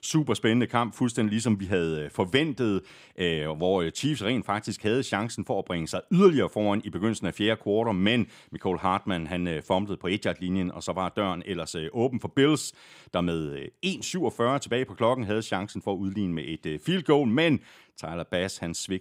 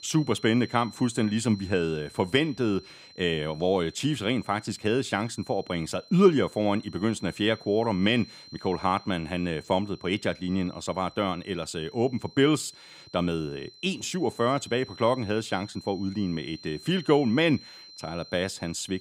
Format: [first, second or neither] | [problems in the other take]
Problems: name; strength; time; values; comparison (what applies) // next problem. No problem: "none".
first | high-pitched whine; faint; throughout; 4 kHz, 20 dB below the speech